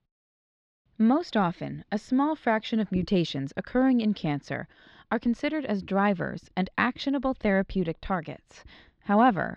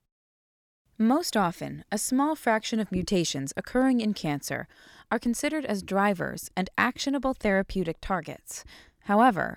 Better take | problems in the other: second | muffled; slightly; fading above 4 kHz

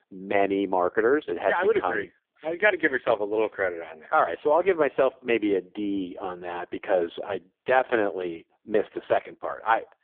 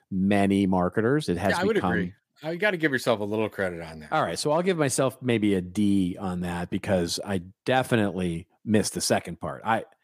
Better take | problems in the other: second | phone-call audio; poor line

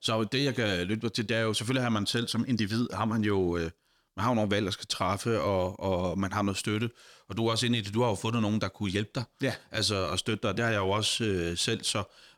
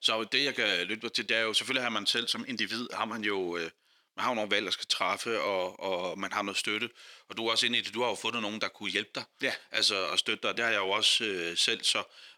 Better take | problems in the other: first | thin; somewhat; fading below 350 Hz

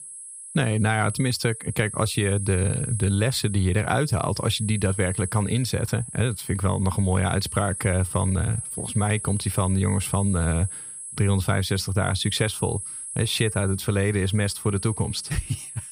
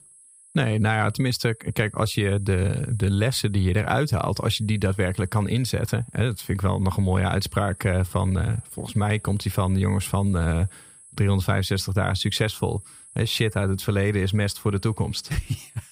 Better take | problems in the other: second | high-pitched whine; loud; throughout; 10.5 kHz, 9 dB below the speech; faint in the second

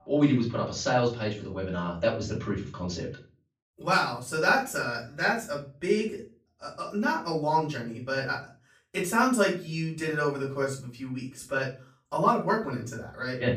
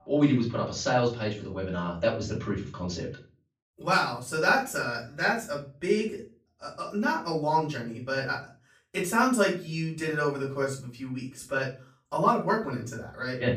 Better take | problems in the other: neither | room echo; slight; dies away in 0.3 s; the same in both // off-mic speech; far; the same in both

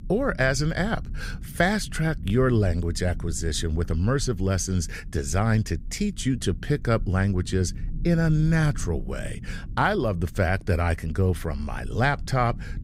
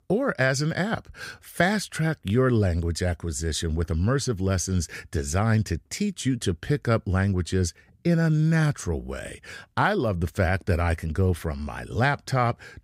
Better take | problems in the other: second | low rumble; faint; throughout; 25 dB below the speech

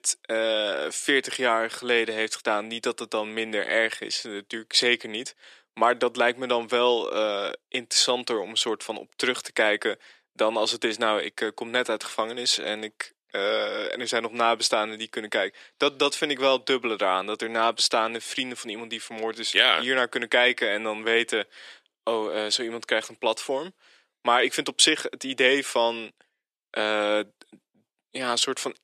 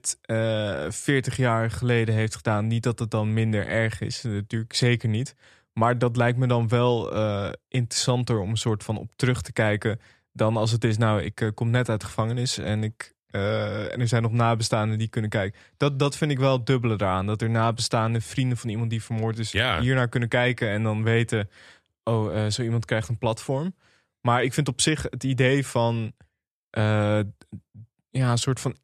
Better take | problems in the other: second | thin; very; fading below 300 Hz

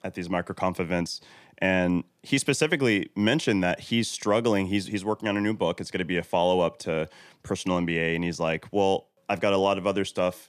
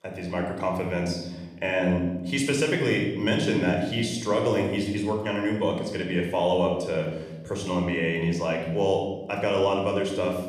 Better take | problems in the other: first | room echo; noticeable; dies away in 1.1 s // off-mic speech; somewhat distant

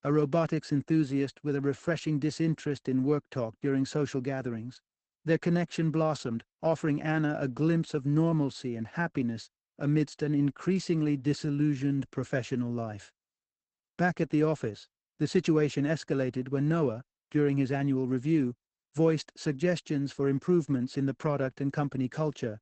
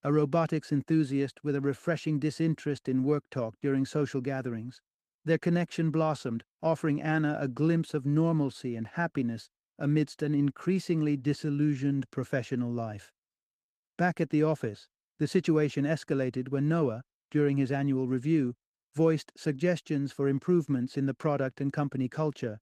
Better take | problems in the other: second | garbled, watery; badly; nothing above 8 kHz; slightly in the second

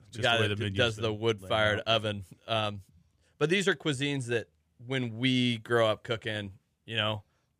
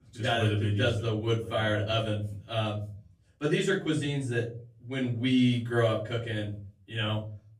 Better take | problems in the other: first | room echo; slight; dies away in 0.5 s // off-mic speech; far

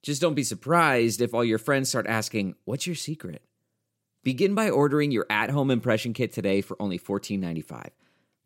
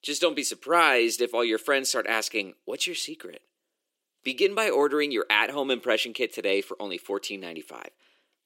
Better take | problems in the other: first | thin; somewhat; fading below 350 Hz

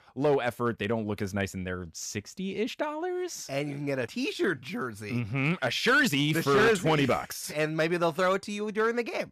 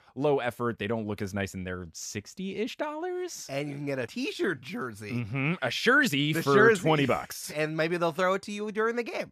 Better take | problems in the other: second | distortion; slight; 3% of the sound clipped

